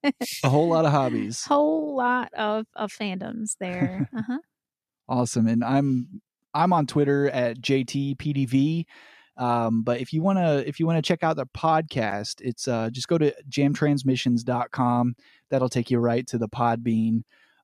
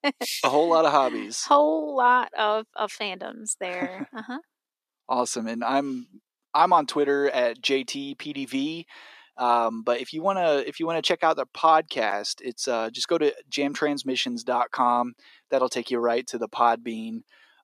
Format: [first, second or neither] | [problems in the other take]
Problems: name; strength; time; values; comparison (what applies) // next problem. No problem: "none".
first | thin; somewhat; fading below 350 Hz